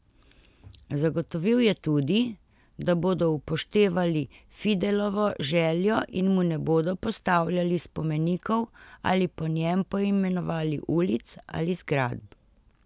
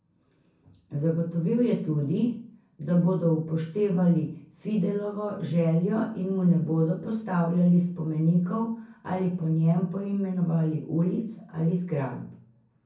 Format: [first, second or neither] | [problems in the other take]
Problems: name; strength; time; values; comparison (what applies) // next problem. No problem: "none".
first | room echo; dies away in 0.6 s